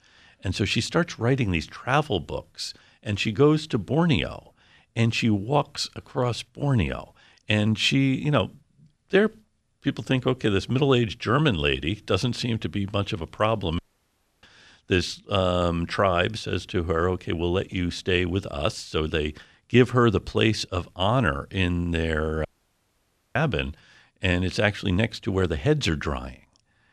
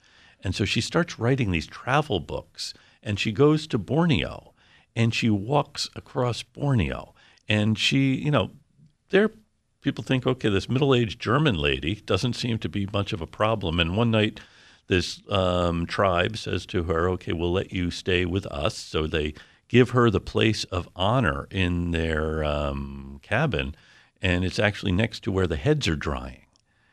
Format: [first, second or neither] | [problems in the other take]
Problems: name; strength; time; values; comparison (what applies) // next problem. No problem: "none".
second | audio cutting out; at 14 s for 0.5 s and at 22 s for 1 s